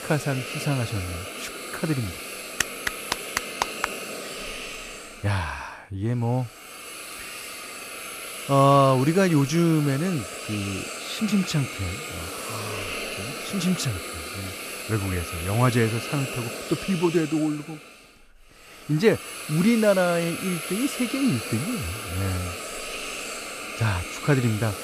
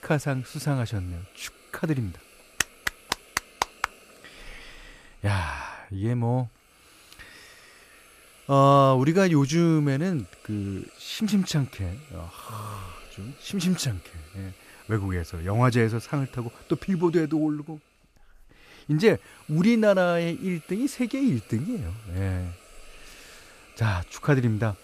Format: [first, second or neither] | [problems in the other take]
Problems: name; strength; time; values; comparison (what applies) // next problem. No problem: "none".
second | hiss; loud; throughout; 8 dB below the speech; faint in the second